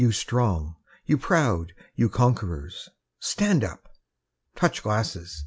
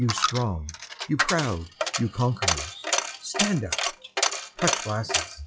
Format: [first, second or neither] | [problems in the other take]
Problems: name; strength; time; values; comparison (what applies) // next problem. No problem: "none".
first | noise reduction (classical method log-MMSE)